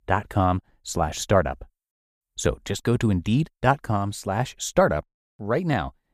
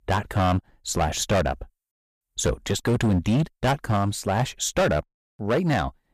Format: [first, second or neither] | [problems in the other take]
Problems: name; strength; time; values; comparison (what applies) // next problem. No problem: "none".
first | distortion; heavy; 10% of the sound clipped